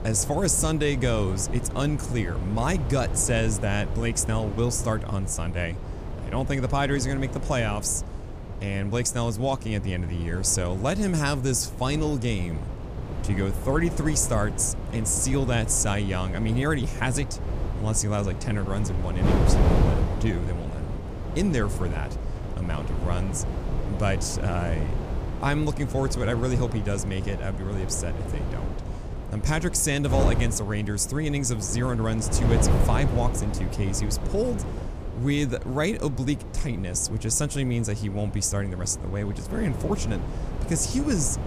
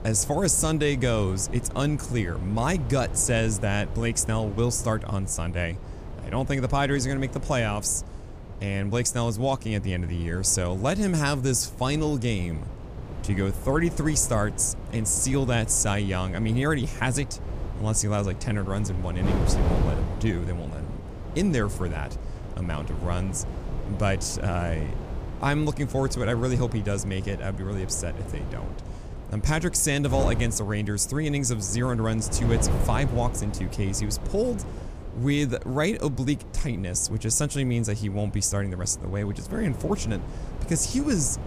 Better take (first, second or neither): second